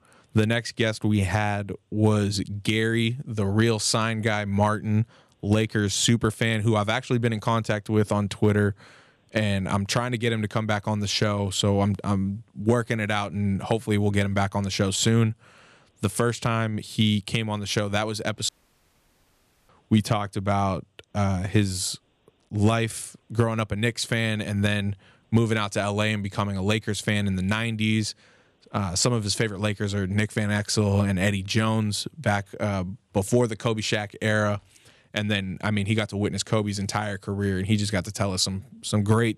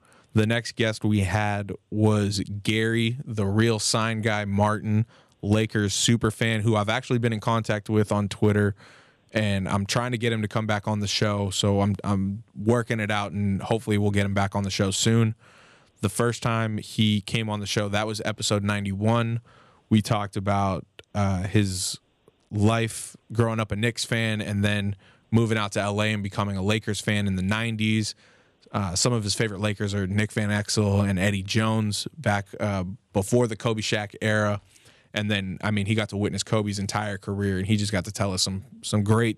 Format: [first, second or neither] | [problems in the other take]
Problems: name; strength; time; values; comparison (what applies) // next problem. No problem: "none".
second | audio cutting out; at 18 s for 1 s